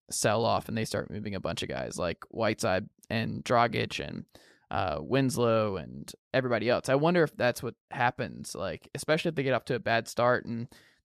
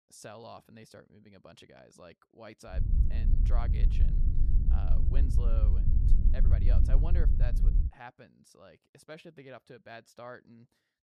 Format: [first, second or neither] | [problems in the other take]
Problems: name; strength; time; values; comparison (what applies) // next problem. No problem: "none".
first | wind noise on the microphone; heavy; from 2.5 to 8 s; as loud as the speech